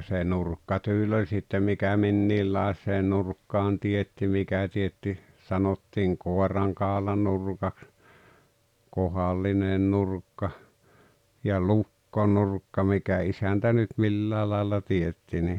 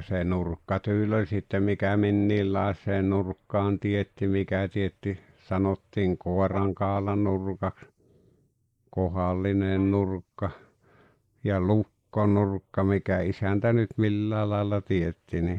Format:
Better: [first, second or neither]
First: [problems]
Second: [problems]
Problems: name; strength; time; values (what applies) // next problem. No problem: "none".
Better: first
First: none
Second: noise reduction (neural mask model Resemble Enhance denoiser)